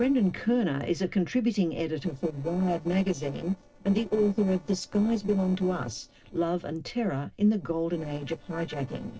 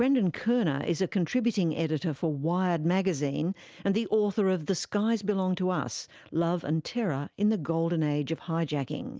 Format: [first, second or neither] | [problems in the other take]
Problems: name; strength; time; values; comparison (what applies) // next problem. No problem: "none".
second | noise reduction (neural separator model SepFormer DNS4)